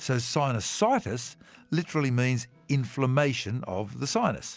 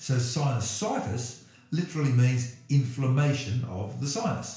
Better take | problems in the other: first | room echo; dies away in 0.5 s

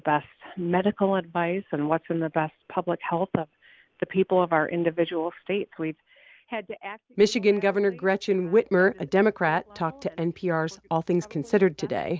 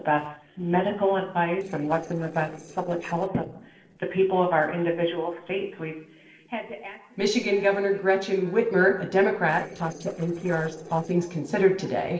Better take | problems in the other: first | noise reduction (neural separator model SepFormer DNS4)

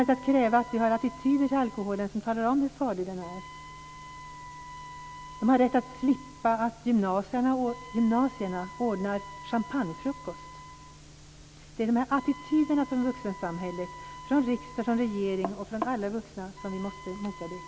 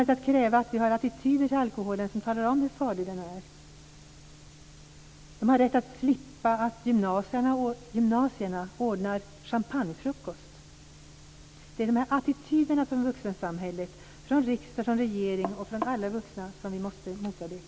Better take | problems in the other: second | background sound (Wind instrument, woodwind instrument); 18 dB below the speech

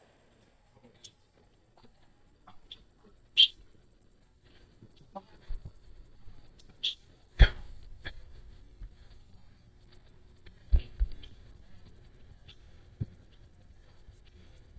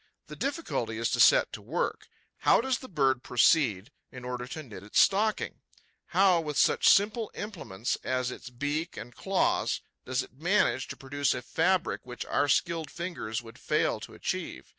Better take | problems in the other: second | noise reduction (neural mask model DeepFilterNet 3)

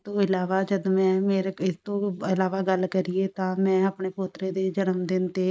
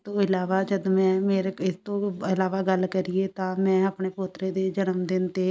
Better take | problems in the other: second | noise reduction (neural mask model Resemble Enhance denoiser)

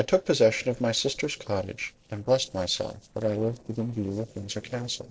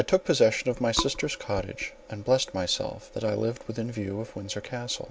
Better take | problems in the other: second | noise reduction (neural separator model SepFormer DNS4)

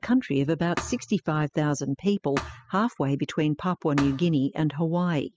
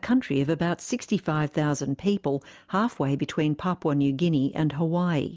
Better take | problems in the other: second | noise reduction (classical method spectral subtraction)

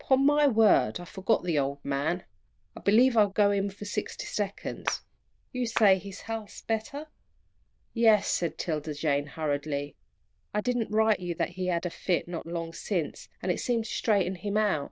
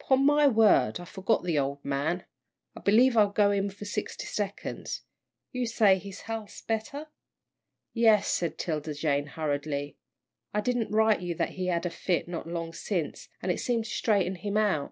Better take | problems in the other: second | noise reduction (neural diffusion model UNIVERSE++)

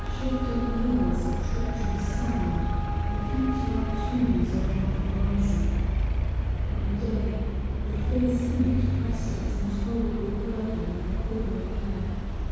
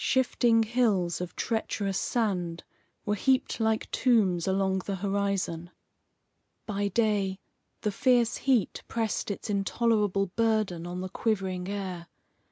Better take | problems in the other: second | background sound (Traffic noise, roadway noise); 3 dB above the speech // room echo; dies away in 2 s

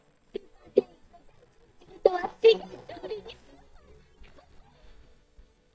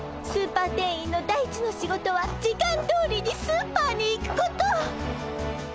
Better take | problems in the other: second | noise reduction (neural mask model DeepFilterNet 3)

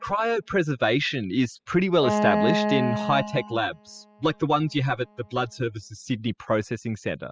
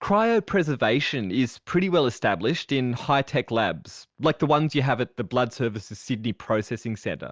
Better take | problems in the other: second | noise reduction (classical method spectral subtraction)

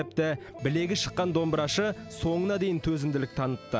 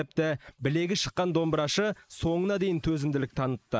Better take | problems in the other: first | noise reduction (neural mask model Resemble Enhance denoiser)

